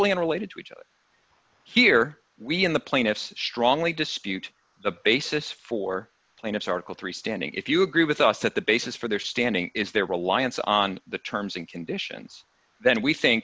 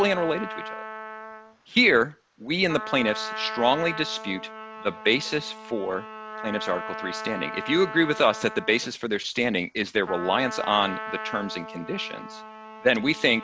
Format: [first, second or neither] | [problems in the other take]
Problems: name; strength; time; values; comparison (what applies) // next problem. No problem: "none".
first | background sound (Trumpet); 11 dB below the speech